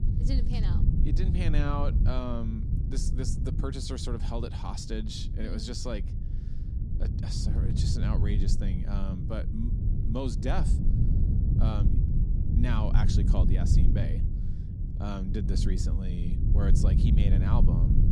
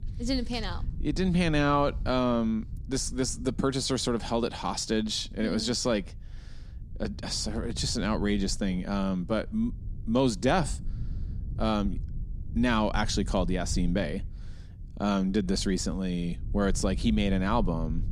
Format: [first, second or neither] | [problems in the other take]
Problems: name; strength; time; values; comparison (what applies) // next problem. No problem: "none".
second | low rumble; loud; throughout; 3 dB below the speech; faint in the second